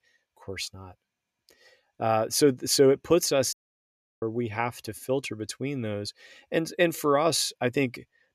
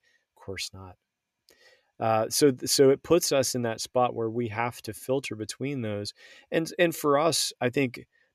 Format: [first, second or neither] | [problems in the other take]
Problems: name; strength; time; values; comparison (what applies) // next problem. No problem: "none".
second | audio cutting out; at 3.5 s for 0.5 s